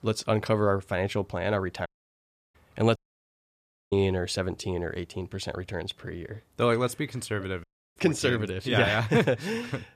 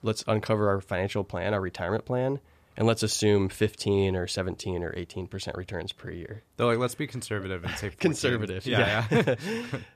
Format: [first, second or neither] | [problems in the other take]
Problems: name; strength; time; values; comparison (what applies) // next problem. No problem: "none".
second | audio cutting out; at 2 s for 0.5 s, at 3 s for 1 s and at 7.5 s